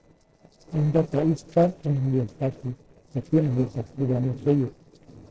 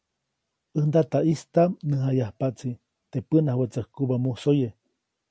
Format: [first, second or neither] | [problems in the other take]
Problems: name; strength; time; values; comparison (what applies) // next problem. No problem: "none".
second | noise reduction (neural separator model SepFormer DNS4)